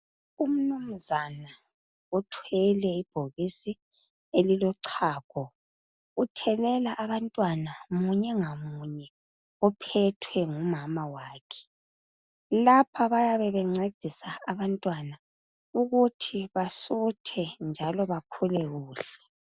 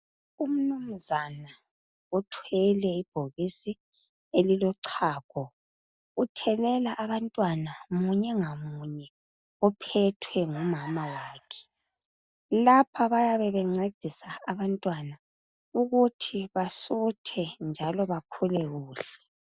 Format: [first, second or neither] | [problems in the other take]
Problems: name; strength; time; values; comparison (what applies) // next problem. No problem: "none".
first | noise reduction (neural mask model DeepFilterNet 3)